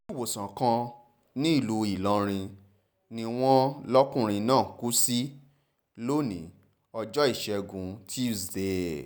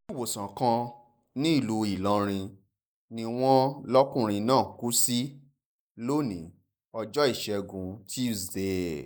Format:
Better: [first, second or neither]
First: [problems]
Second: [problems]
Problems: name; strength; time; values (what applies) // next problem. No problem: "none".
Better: first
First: none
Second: noise reduction (neural mask model Resemble Enhance denoiser)